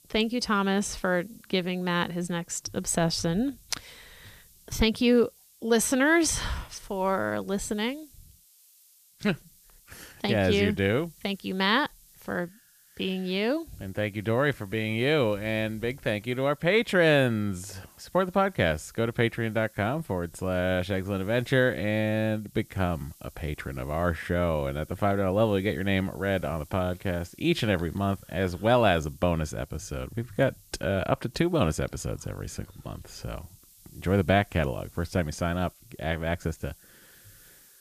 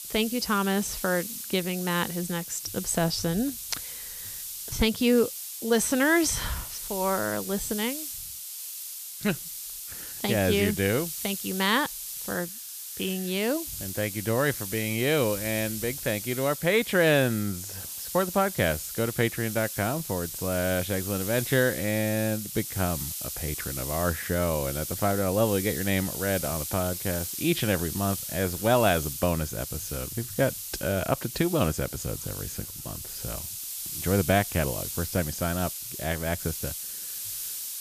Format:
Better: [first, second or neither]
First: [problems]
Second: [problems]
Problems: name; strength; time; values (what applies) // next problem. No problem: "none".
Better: first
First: hiss; faint; throughout; 25 dB below the speech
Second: hiss; loud; throughout; 6 dB below the speech